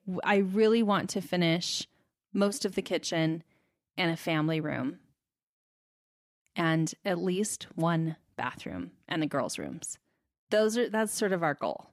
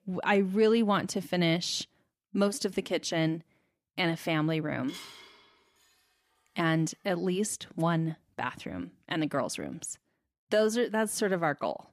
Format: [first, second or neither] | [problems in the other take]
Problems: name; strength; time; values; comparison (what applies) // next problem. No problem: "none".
first | clattering dishes; faint; from 5 to 6.5 s; peak 15 dB below the speech